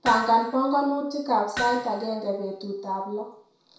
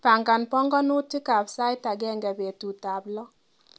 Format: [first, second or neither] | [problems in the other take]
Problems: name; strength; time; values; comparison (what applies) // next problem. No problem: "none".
second | background sound (Hammer); 11 dB below the speech // room echo; dies away in 0.6 s